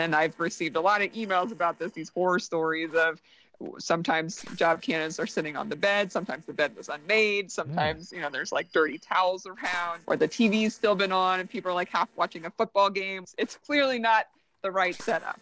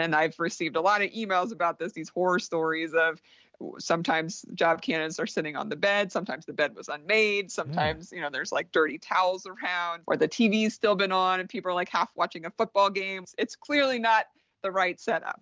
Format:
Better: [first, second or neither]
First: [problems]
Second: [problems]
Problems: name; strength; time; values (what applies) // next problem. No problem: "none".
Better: second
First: noise reduction (neural separator model SepFormer DNS4)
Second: none